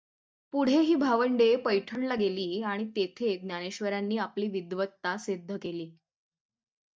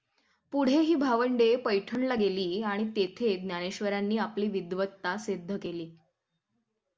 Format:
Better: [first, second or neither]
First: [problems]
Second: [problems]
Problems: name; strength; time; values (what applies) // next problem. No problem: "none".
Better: second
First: noise reduction (neural mask model DeepFilterNet 3)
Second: none